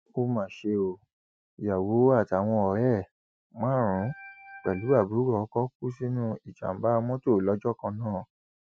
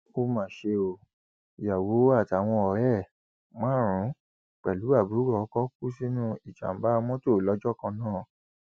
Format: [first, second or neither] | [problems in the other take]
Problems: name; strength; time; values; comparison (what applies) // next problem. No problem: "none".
second | noise reduction (neural mask model RNNoise)